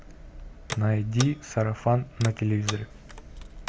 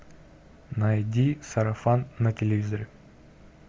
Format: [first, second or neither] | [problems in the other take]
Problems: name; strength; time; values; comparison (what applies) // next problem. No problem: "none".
second | background sound (Telephone); 12 dB below the speech